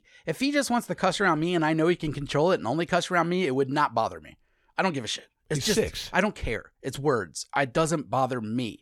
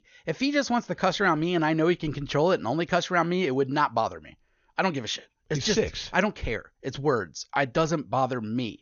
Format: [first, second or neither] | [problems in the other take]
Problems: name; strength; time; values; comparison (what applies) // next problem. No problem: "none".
first | garbled, watery; slightly; nothing above 6.5 kHz